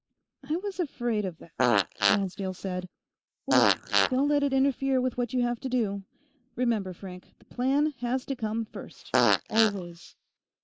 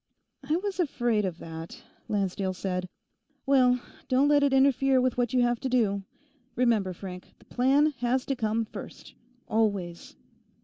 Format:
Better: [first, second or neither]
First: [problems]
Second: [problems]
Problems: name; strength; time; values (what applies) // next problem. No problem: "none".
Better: second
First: noise reduction (neural mask model Resemble Enhance denoiser)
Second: none